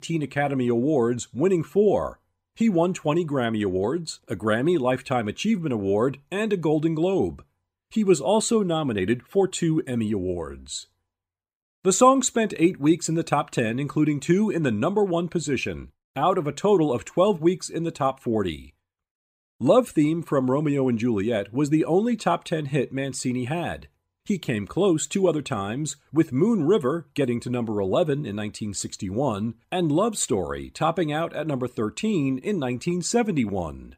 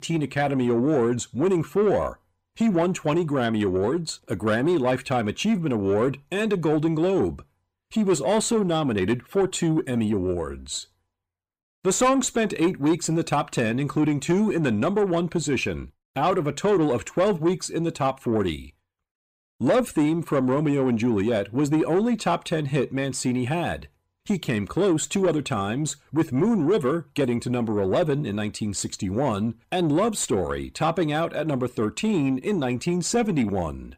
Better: first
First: none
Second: distortion; slight; 10 dB below the speech

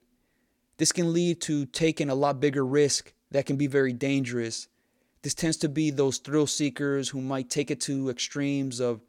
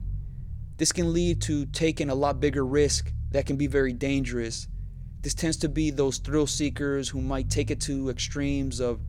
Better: first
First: none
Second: low rumble; faint; throughout; 25 dB below the speech

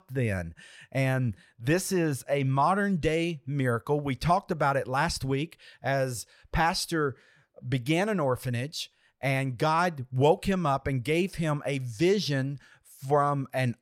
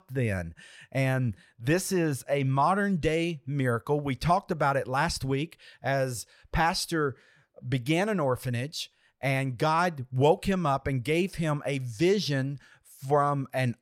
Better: neither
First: none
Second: none

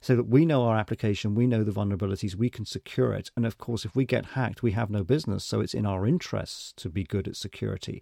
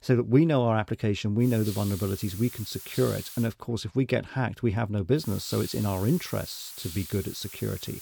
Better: first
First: none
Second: hiss; noticeable; from 1.5 to 3.5 s and from 5 s on; 10 dB below the speech

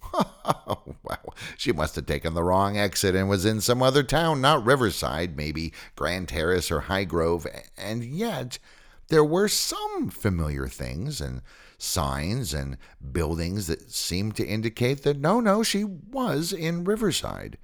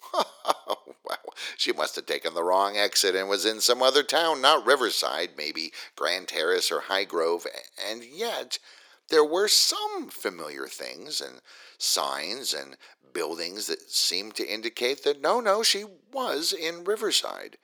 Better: first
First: none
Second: thin; very; fading below 350 Hz

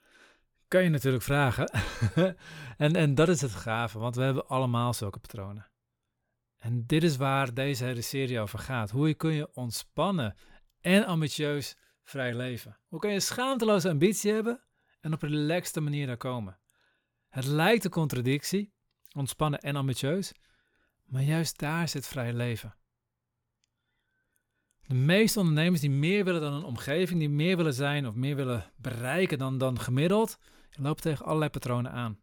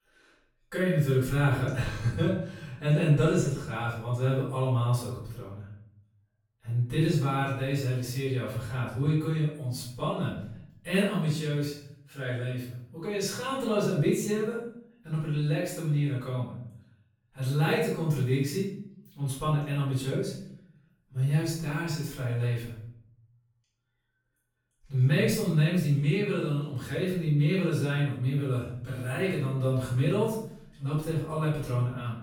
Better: first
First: none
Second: off-mic speech; far // room echo; noticeable; dies away in 0.6 s

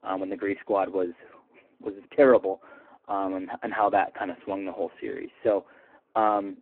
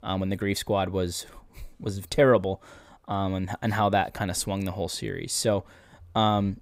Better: second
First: phone-call audio; poor line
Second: none

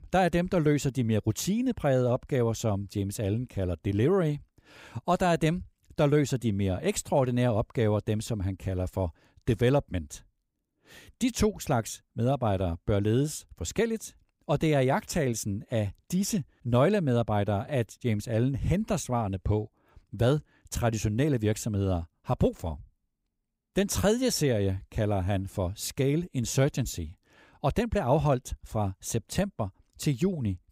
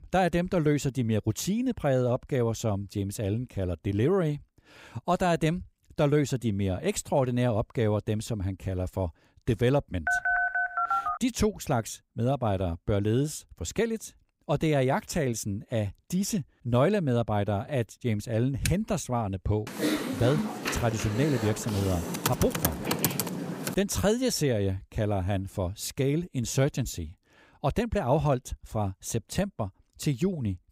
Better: first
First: none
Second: phone ringing; loud; from 10 to 11 s; peak 3 dB above the speech // keyboard typing; very faint; at 19 s; peak 7 dB below the speech // keyboard typing; loud; from 20 to 24 s; peak 2 dB above the speech

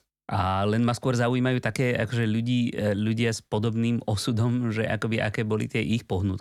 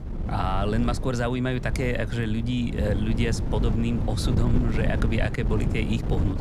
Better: first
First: none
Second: wind noise on the microphone; heavy; 8 dB below the speech

